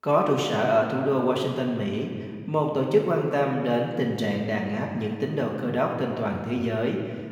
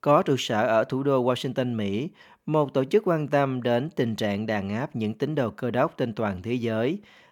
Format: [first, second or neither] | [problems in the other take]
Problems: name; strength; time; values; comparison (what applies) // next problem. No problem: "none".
second | room echo; noticeable; dies away in 1.7 s // off-mic speech; somewhat distant